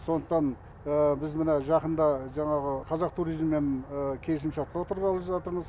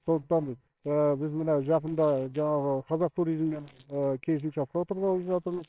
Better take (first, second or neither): first